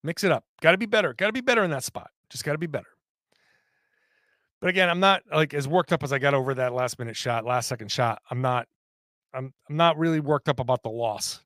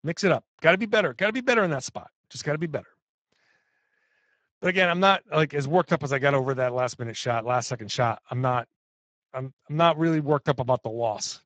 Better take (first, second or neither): first